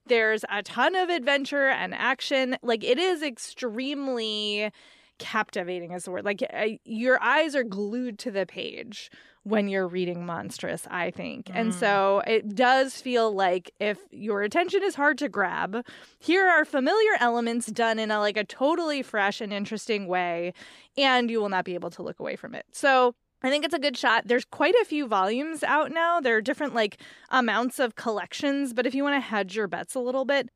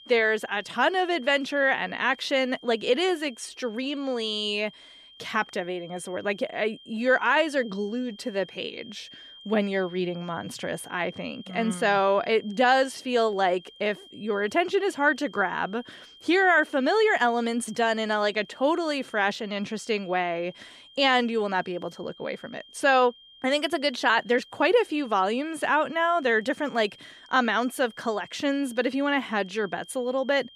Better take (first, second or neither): first